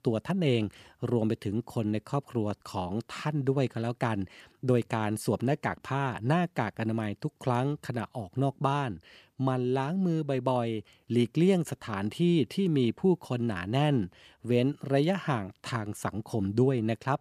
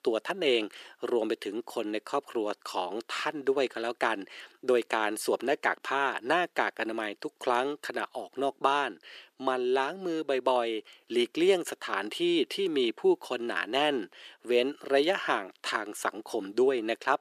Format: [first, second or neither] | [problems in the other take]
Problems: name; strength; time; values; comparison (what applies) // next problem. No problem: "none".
first | thin; very; fading below 350 Hz